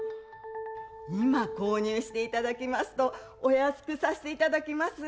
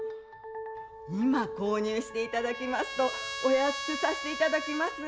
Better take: first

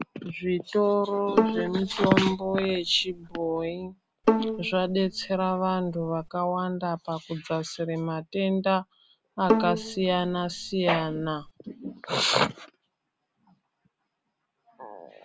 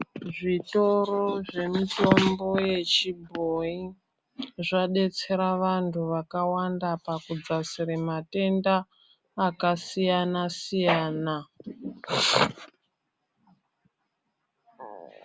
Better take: second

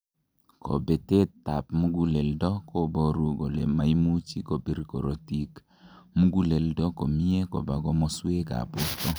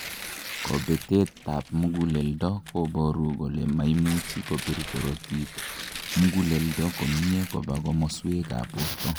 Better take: first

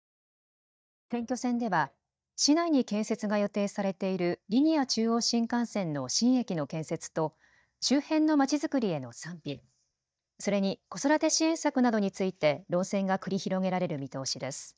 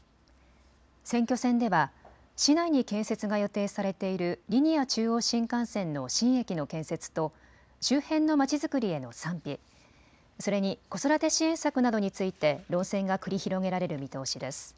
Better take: second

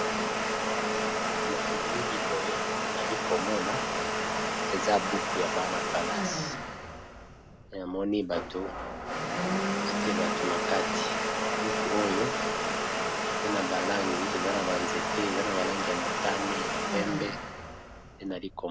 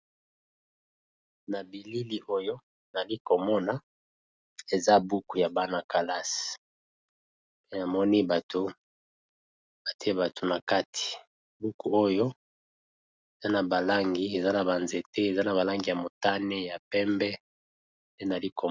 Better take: second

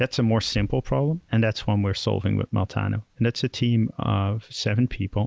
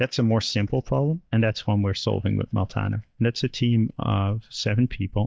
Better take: first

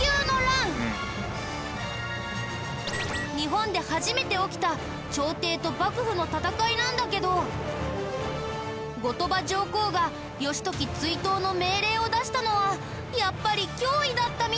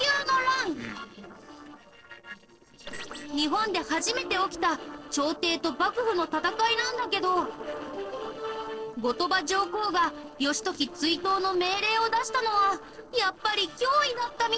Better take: first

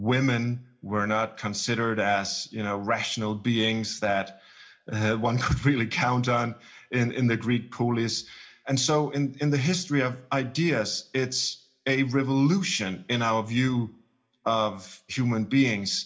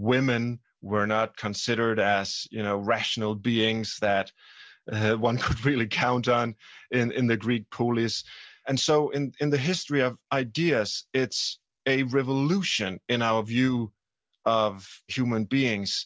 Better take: second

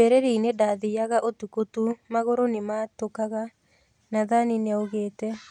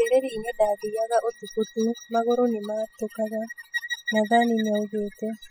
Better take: first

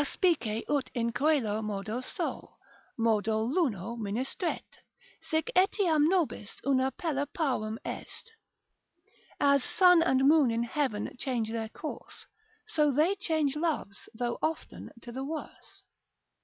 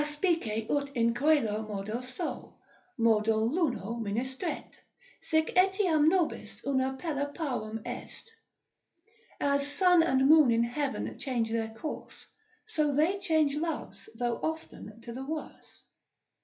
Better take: first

